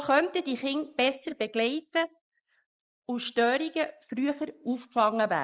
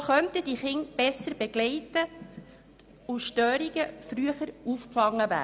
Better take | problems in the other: second | noise reduction (neural mask model Resemble Enhance denoiser)

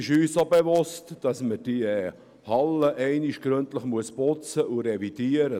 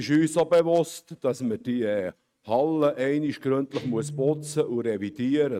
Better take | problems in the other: first | noise reduction (neural mask model RNNoise)

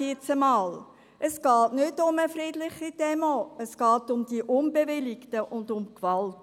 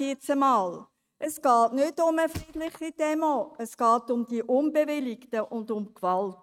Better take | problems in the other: first | noise reduction (neural mask model RNNoise)

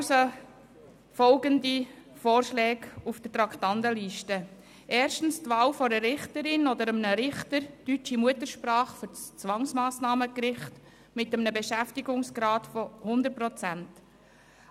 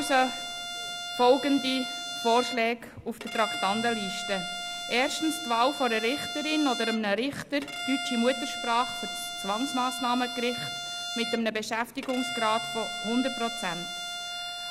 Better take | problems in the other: first | background sound (Bowed string instrument); 6 dB below the speech

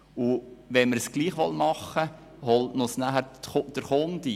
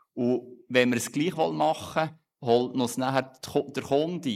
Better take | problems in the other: first | noise reduction (neural mask model Resemble Enhance denoiser)

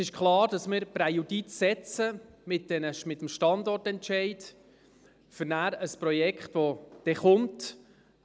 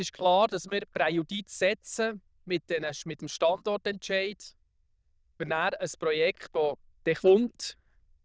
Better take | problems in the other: first | noise reduction (neural diffusion model UNIVERSE++)

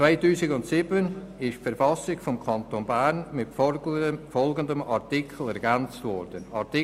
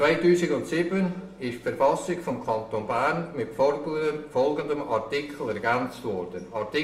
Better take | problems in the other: first | room echo; dies away in 0.5 s

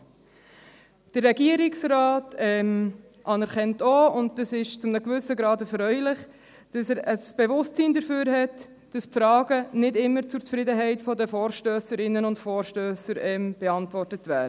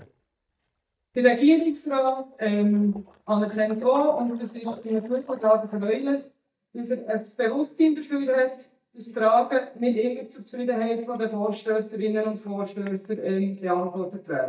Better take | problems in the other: first | noise reduction (neural mask model DeepFilterNet 3)

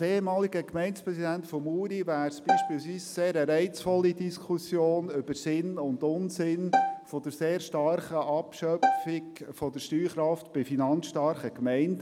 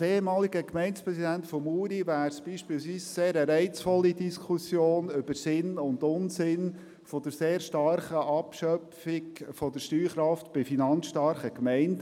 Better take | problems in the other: second | background sound (Bowed string instrument); 1 dB below the speech

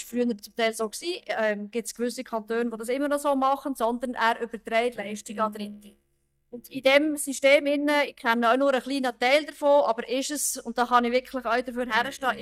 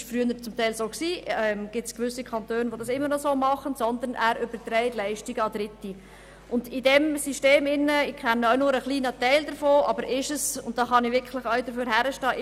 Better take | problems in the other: second | noise reduction (neural mask model DeepFilterNet 3)

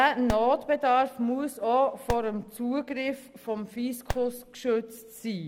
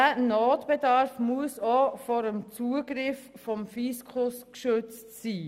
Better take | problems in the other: second | background sound (Fireworks); 12 dB below the speech

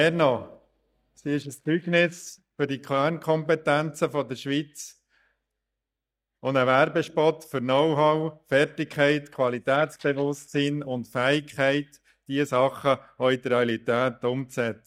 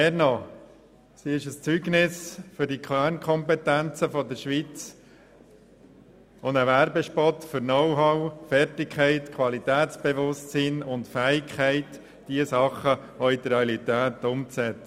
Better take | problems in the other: second | noise reduction (neural mask model DeepFilterNet 3)

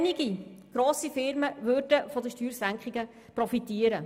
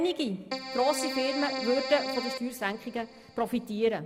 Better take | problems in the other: first | background sound (Keyboard (musical)); 6 dB below the speech

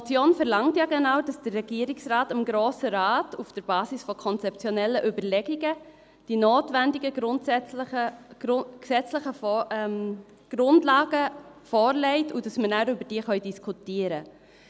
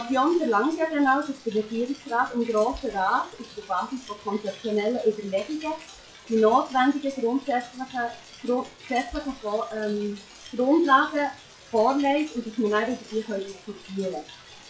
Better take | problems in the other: first | noise reduction (classical method WPE with log-MMSE)

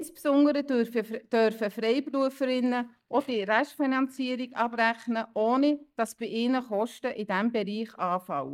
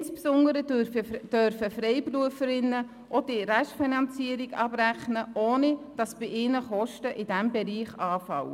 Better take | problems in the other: second | noise reduction (neural mask model DeepFilterNet 3)

